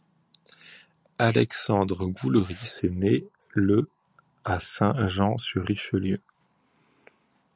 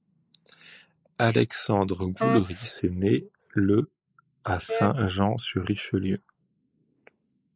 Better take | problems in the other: first | noise reduction (neural mask model Resemble Enhance denoiser)

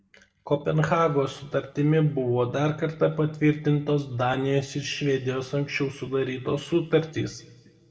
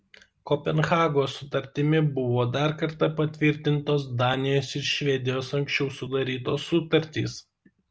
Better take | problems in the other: second | room echo; dies away in 1.2 s

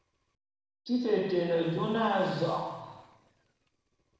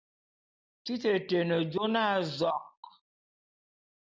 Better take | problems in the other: second | noise reduction (neural separator model SepFormer DNS4)

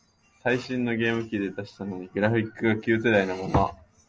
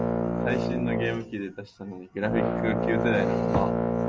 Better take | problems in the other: first | background sound (Brass instrument); 3 dB above the speech

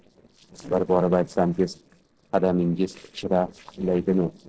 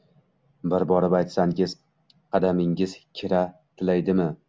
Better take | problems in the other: second | noise reduction (neural separator model SepFormer DNS4)

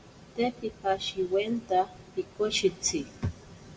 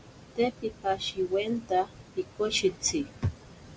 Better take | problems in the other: second | room echo; dies away in 1.2 s

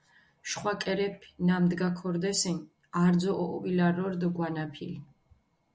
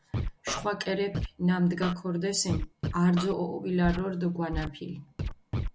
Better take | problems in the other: first | background sound (Scratching (performance technique)); 7 dB below the speech

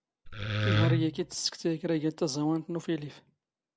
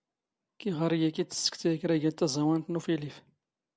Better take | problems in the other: second | background sound (Wood); 4 dB above the speech

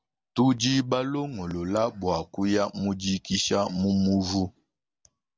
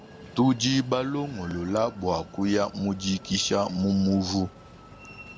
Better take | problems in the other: first | background sound (Train); 20 dB below the speech

